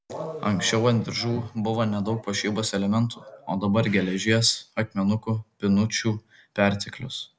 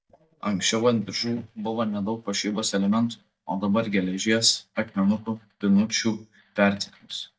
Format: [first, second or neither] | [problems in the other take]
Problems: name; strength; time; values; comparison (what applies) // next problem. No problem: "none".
first | noise reduction (neural mask model DeepFilterNet 3)